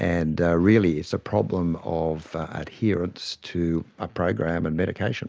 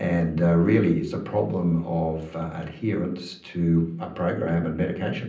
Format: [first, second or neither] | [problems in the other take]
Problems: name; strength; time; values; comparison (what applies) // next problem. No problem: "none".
first | room echo; dies away in 0.6 s